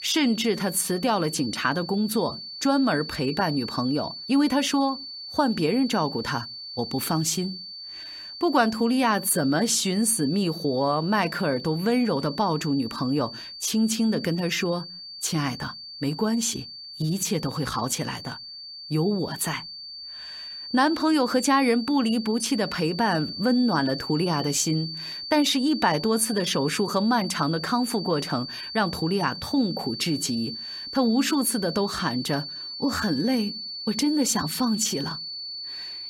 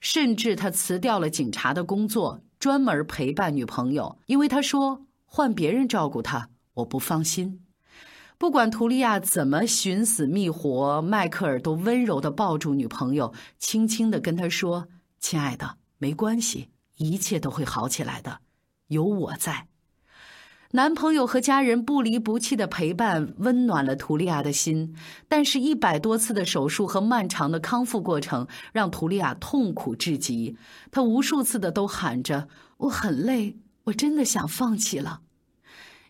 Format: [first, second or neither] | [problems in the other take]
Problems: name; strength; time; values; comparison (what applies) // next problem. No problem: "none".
second | high-pitched whine; loud; throughout; 4.5 kHz, 10 dB below the speech